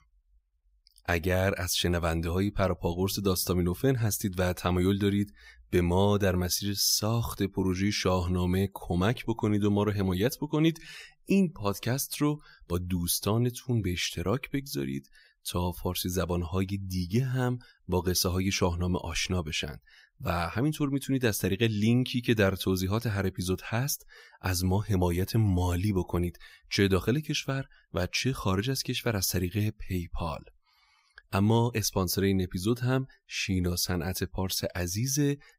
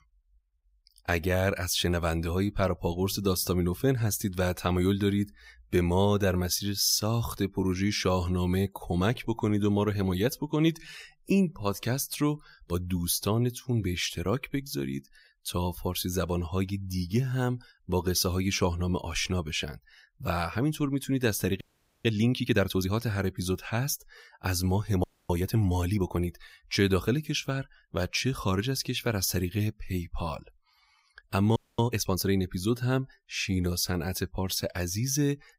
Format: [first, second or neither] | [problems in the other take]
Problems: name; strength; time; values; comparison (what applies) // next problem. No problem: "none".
first | audio freezing; at 22 s, at 25 s and at 32 s